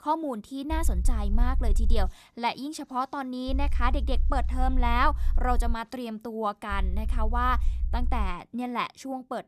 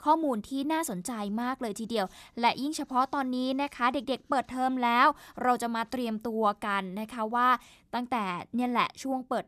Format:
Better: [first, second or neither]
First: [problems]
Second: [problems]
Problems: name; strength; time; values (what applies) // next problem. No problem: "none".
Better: second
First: low rumble; faint; from 0.5 to 2 s, from 3.5 to 5.5 s and from 6.5 to 8.5 s; 20 dB below the speech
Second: none